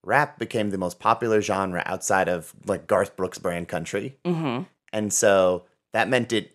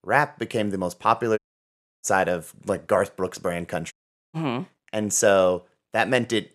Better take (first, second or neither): first